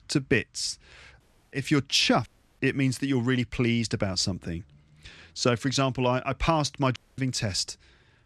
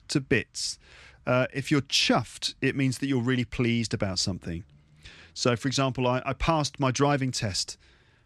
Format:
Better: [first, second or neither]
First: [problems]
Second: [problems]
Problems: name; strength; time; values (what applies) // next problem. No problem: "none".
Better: second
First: audio cutting out; at 1 s, at 2.5 s and at 7 s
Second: none